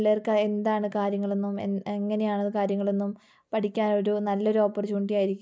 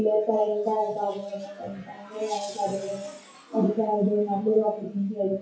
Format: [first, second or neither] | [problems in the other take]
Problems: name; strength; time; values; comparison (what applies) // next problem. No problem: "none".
first | noise reduction (classical method WPE with log-MMSE)